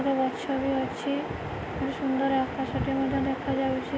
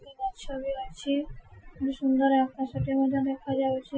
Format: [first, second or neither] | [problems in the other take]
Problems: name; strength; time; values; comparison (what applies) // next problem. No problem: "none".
first | noise reduction (classical method Wiener filter)